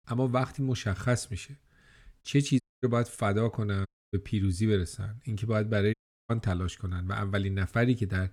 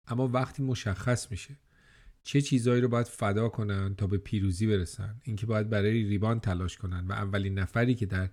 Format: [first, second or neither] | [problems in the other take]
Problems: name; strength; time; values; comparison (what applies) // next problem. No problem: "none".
second | audio cutting out; at 2.5 s, at 4 s and at 6 s